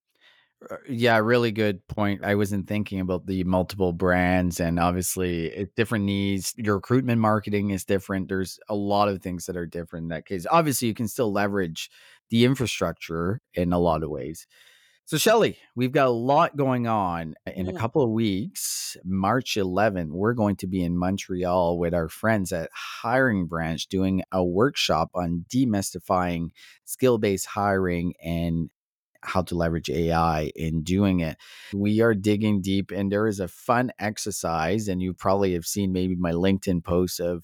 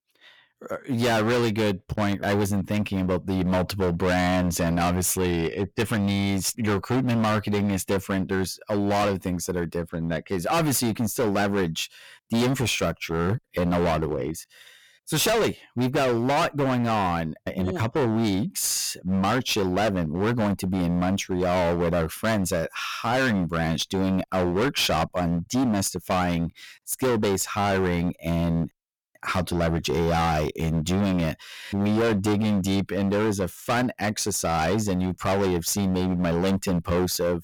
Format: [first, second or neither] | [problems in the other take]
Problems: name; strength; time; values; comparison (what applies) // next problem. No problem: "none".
first | distortion; heavy; 21% of the sound clipped